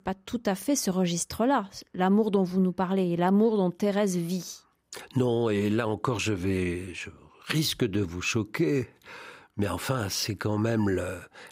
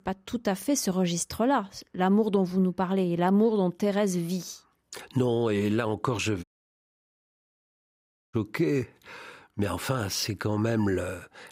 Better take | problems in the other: first | audio cutting out; at 6.5 s for 2 s

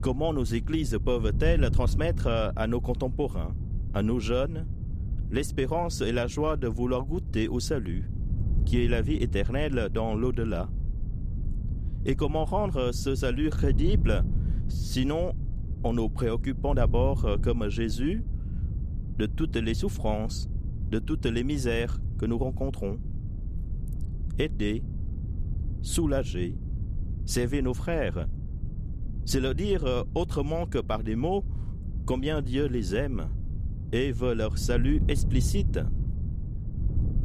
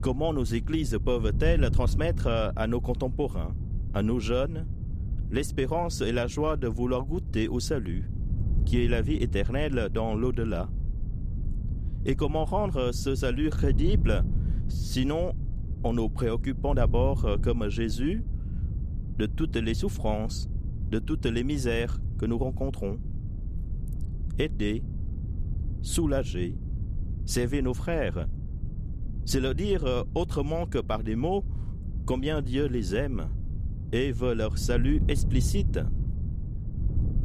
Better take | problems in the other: neither | wind noise on the microphone; occasional gusts; 15 dB below the speech; the same in both

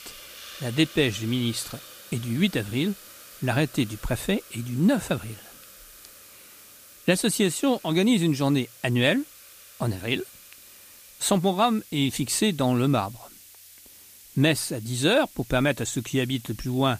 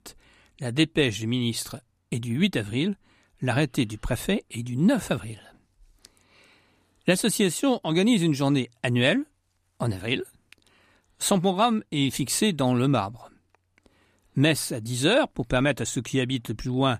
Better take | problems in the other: second | hiss; noticeable; throughout; 20 dB below the speech

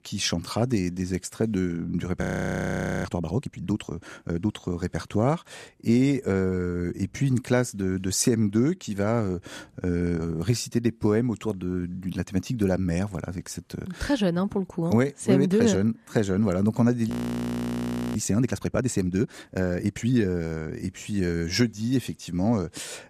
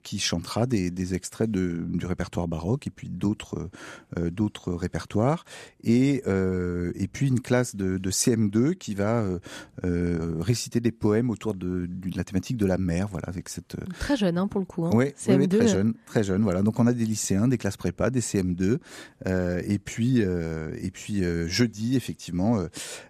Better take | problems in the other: second | audio freezing; at 2 s for 1 s and at 17 s for 1 s

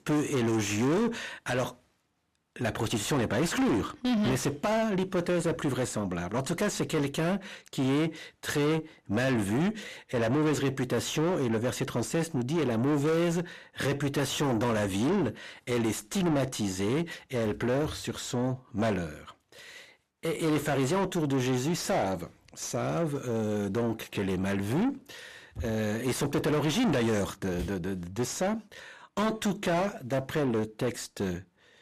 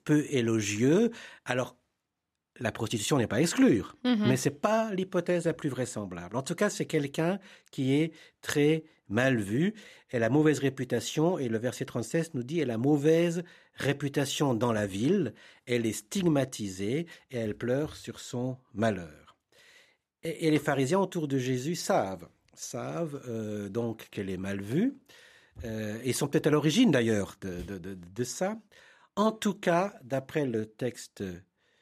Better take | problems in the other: second | distortion; heavy; 6 dB below the speech

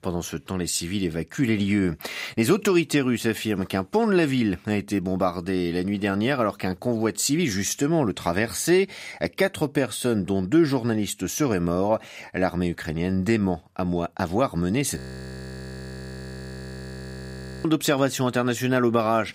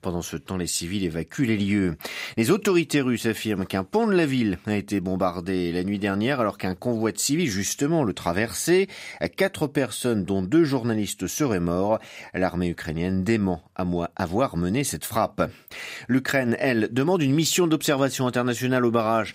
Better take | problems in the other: second | audio freezing; at 15 s for 2.5 s

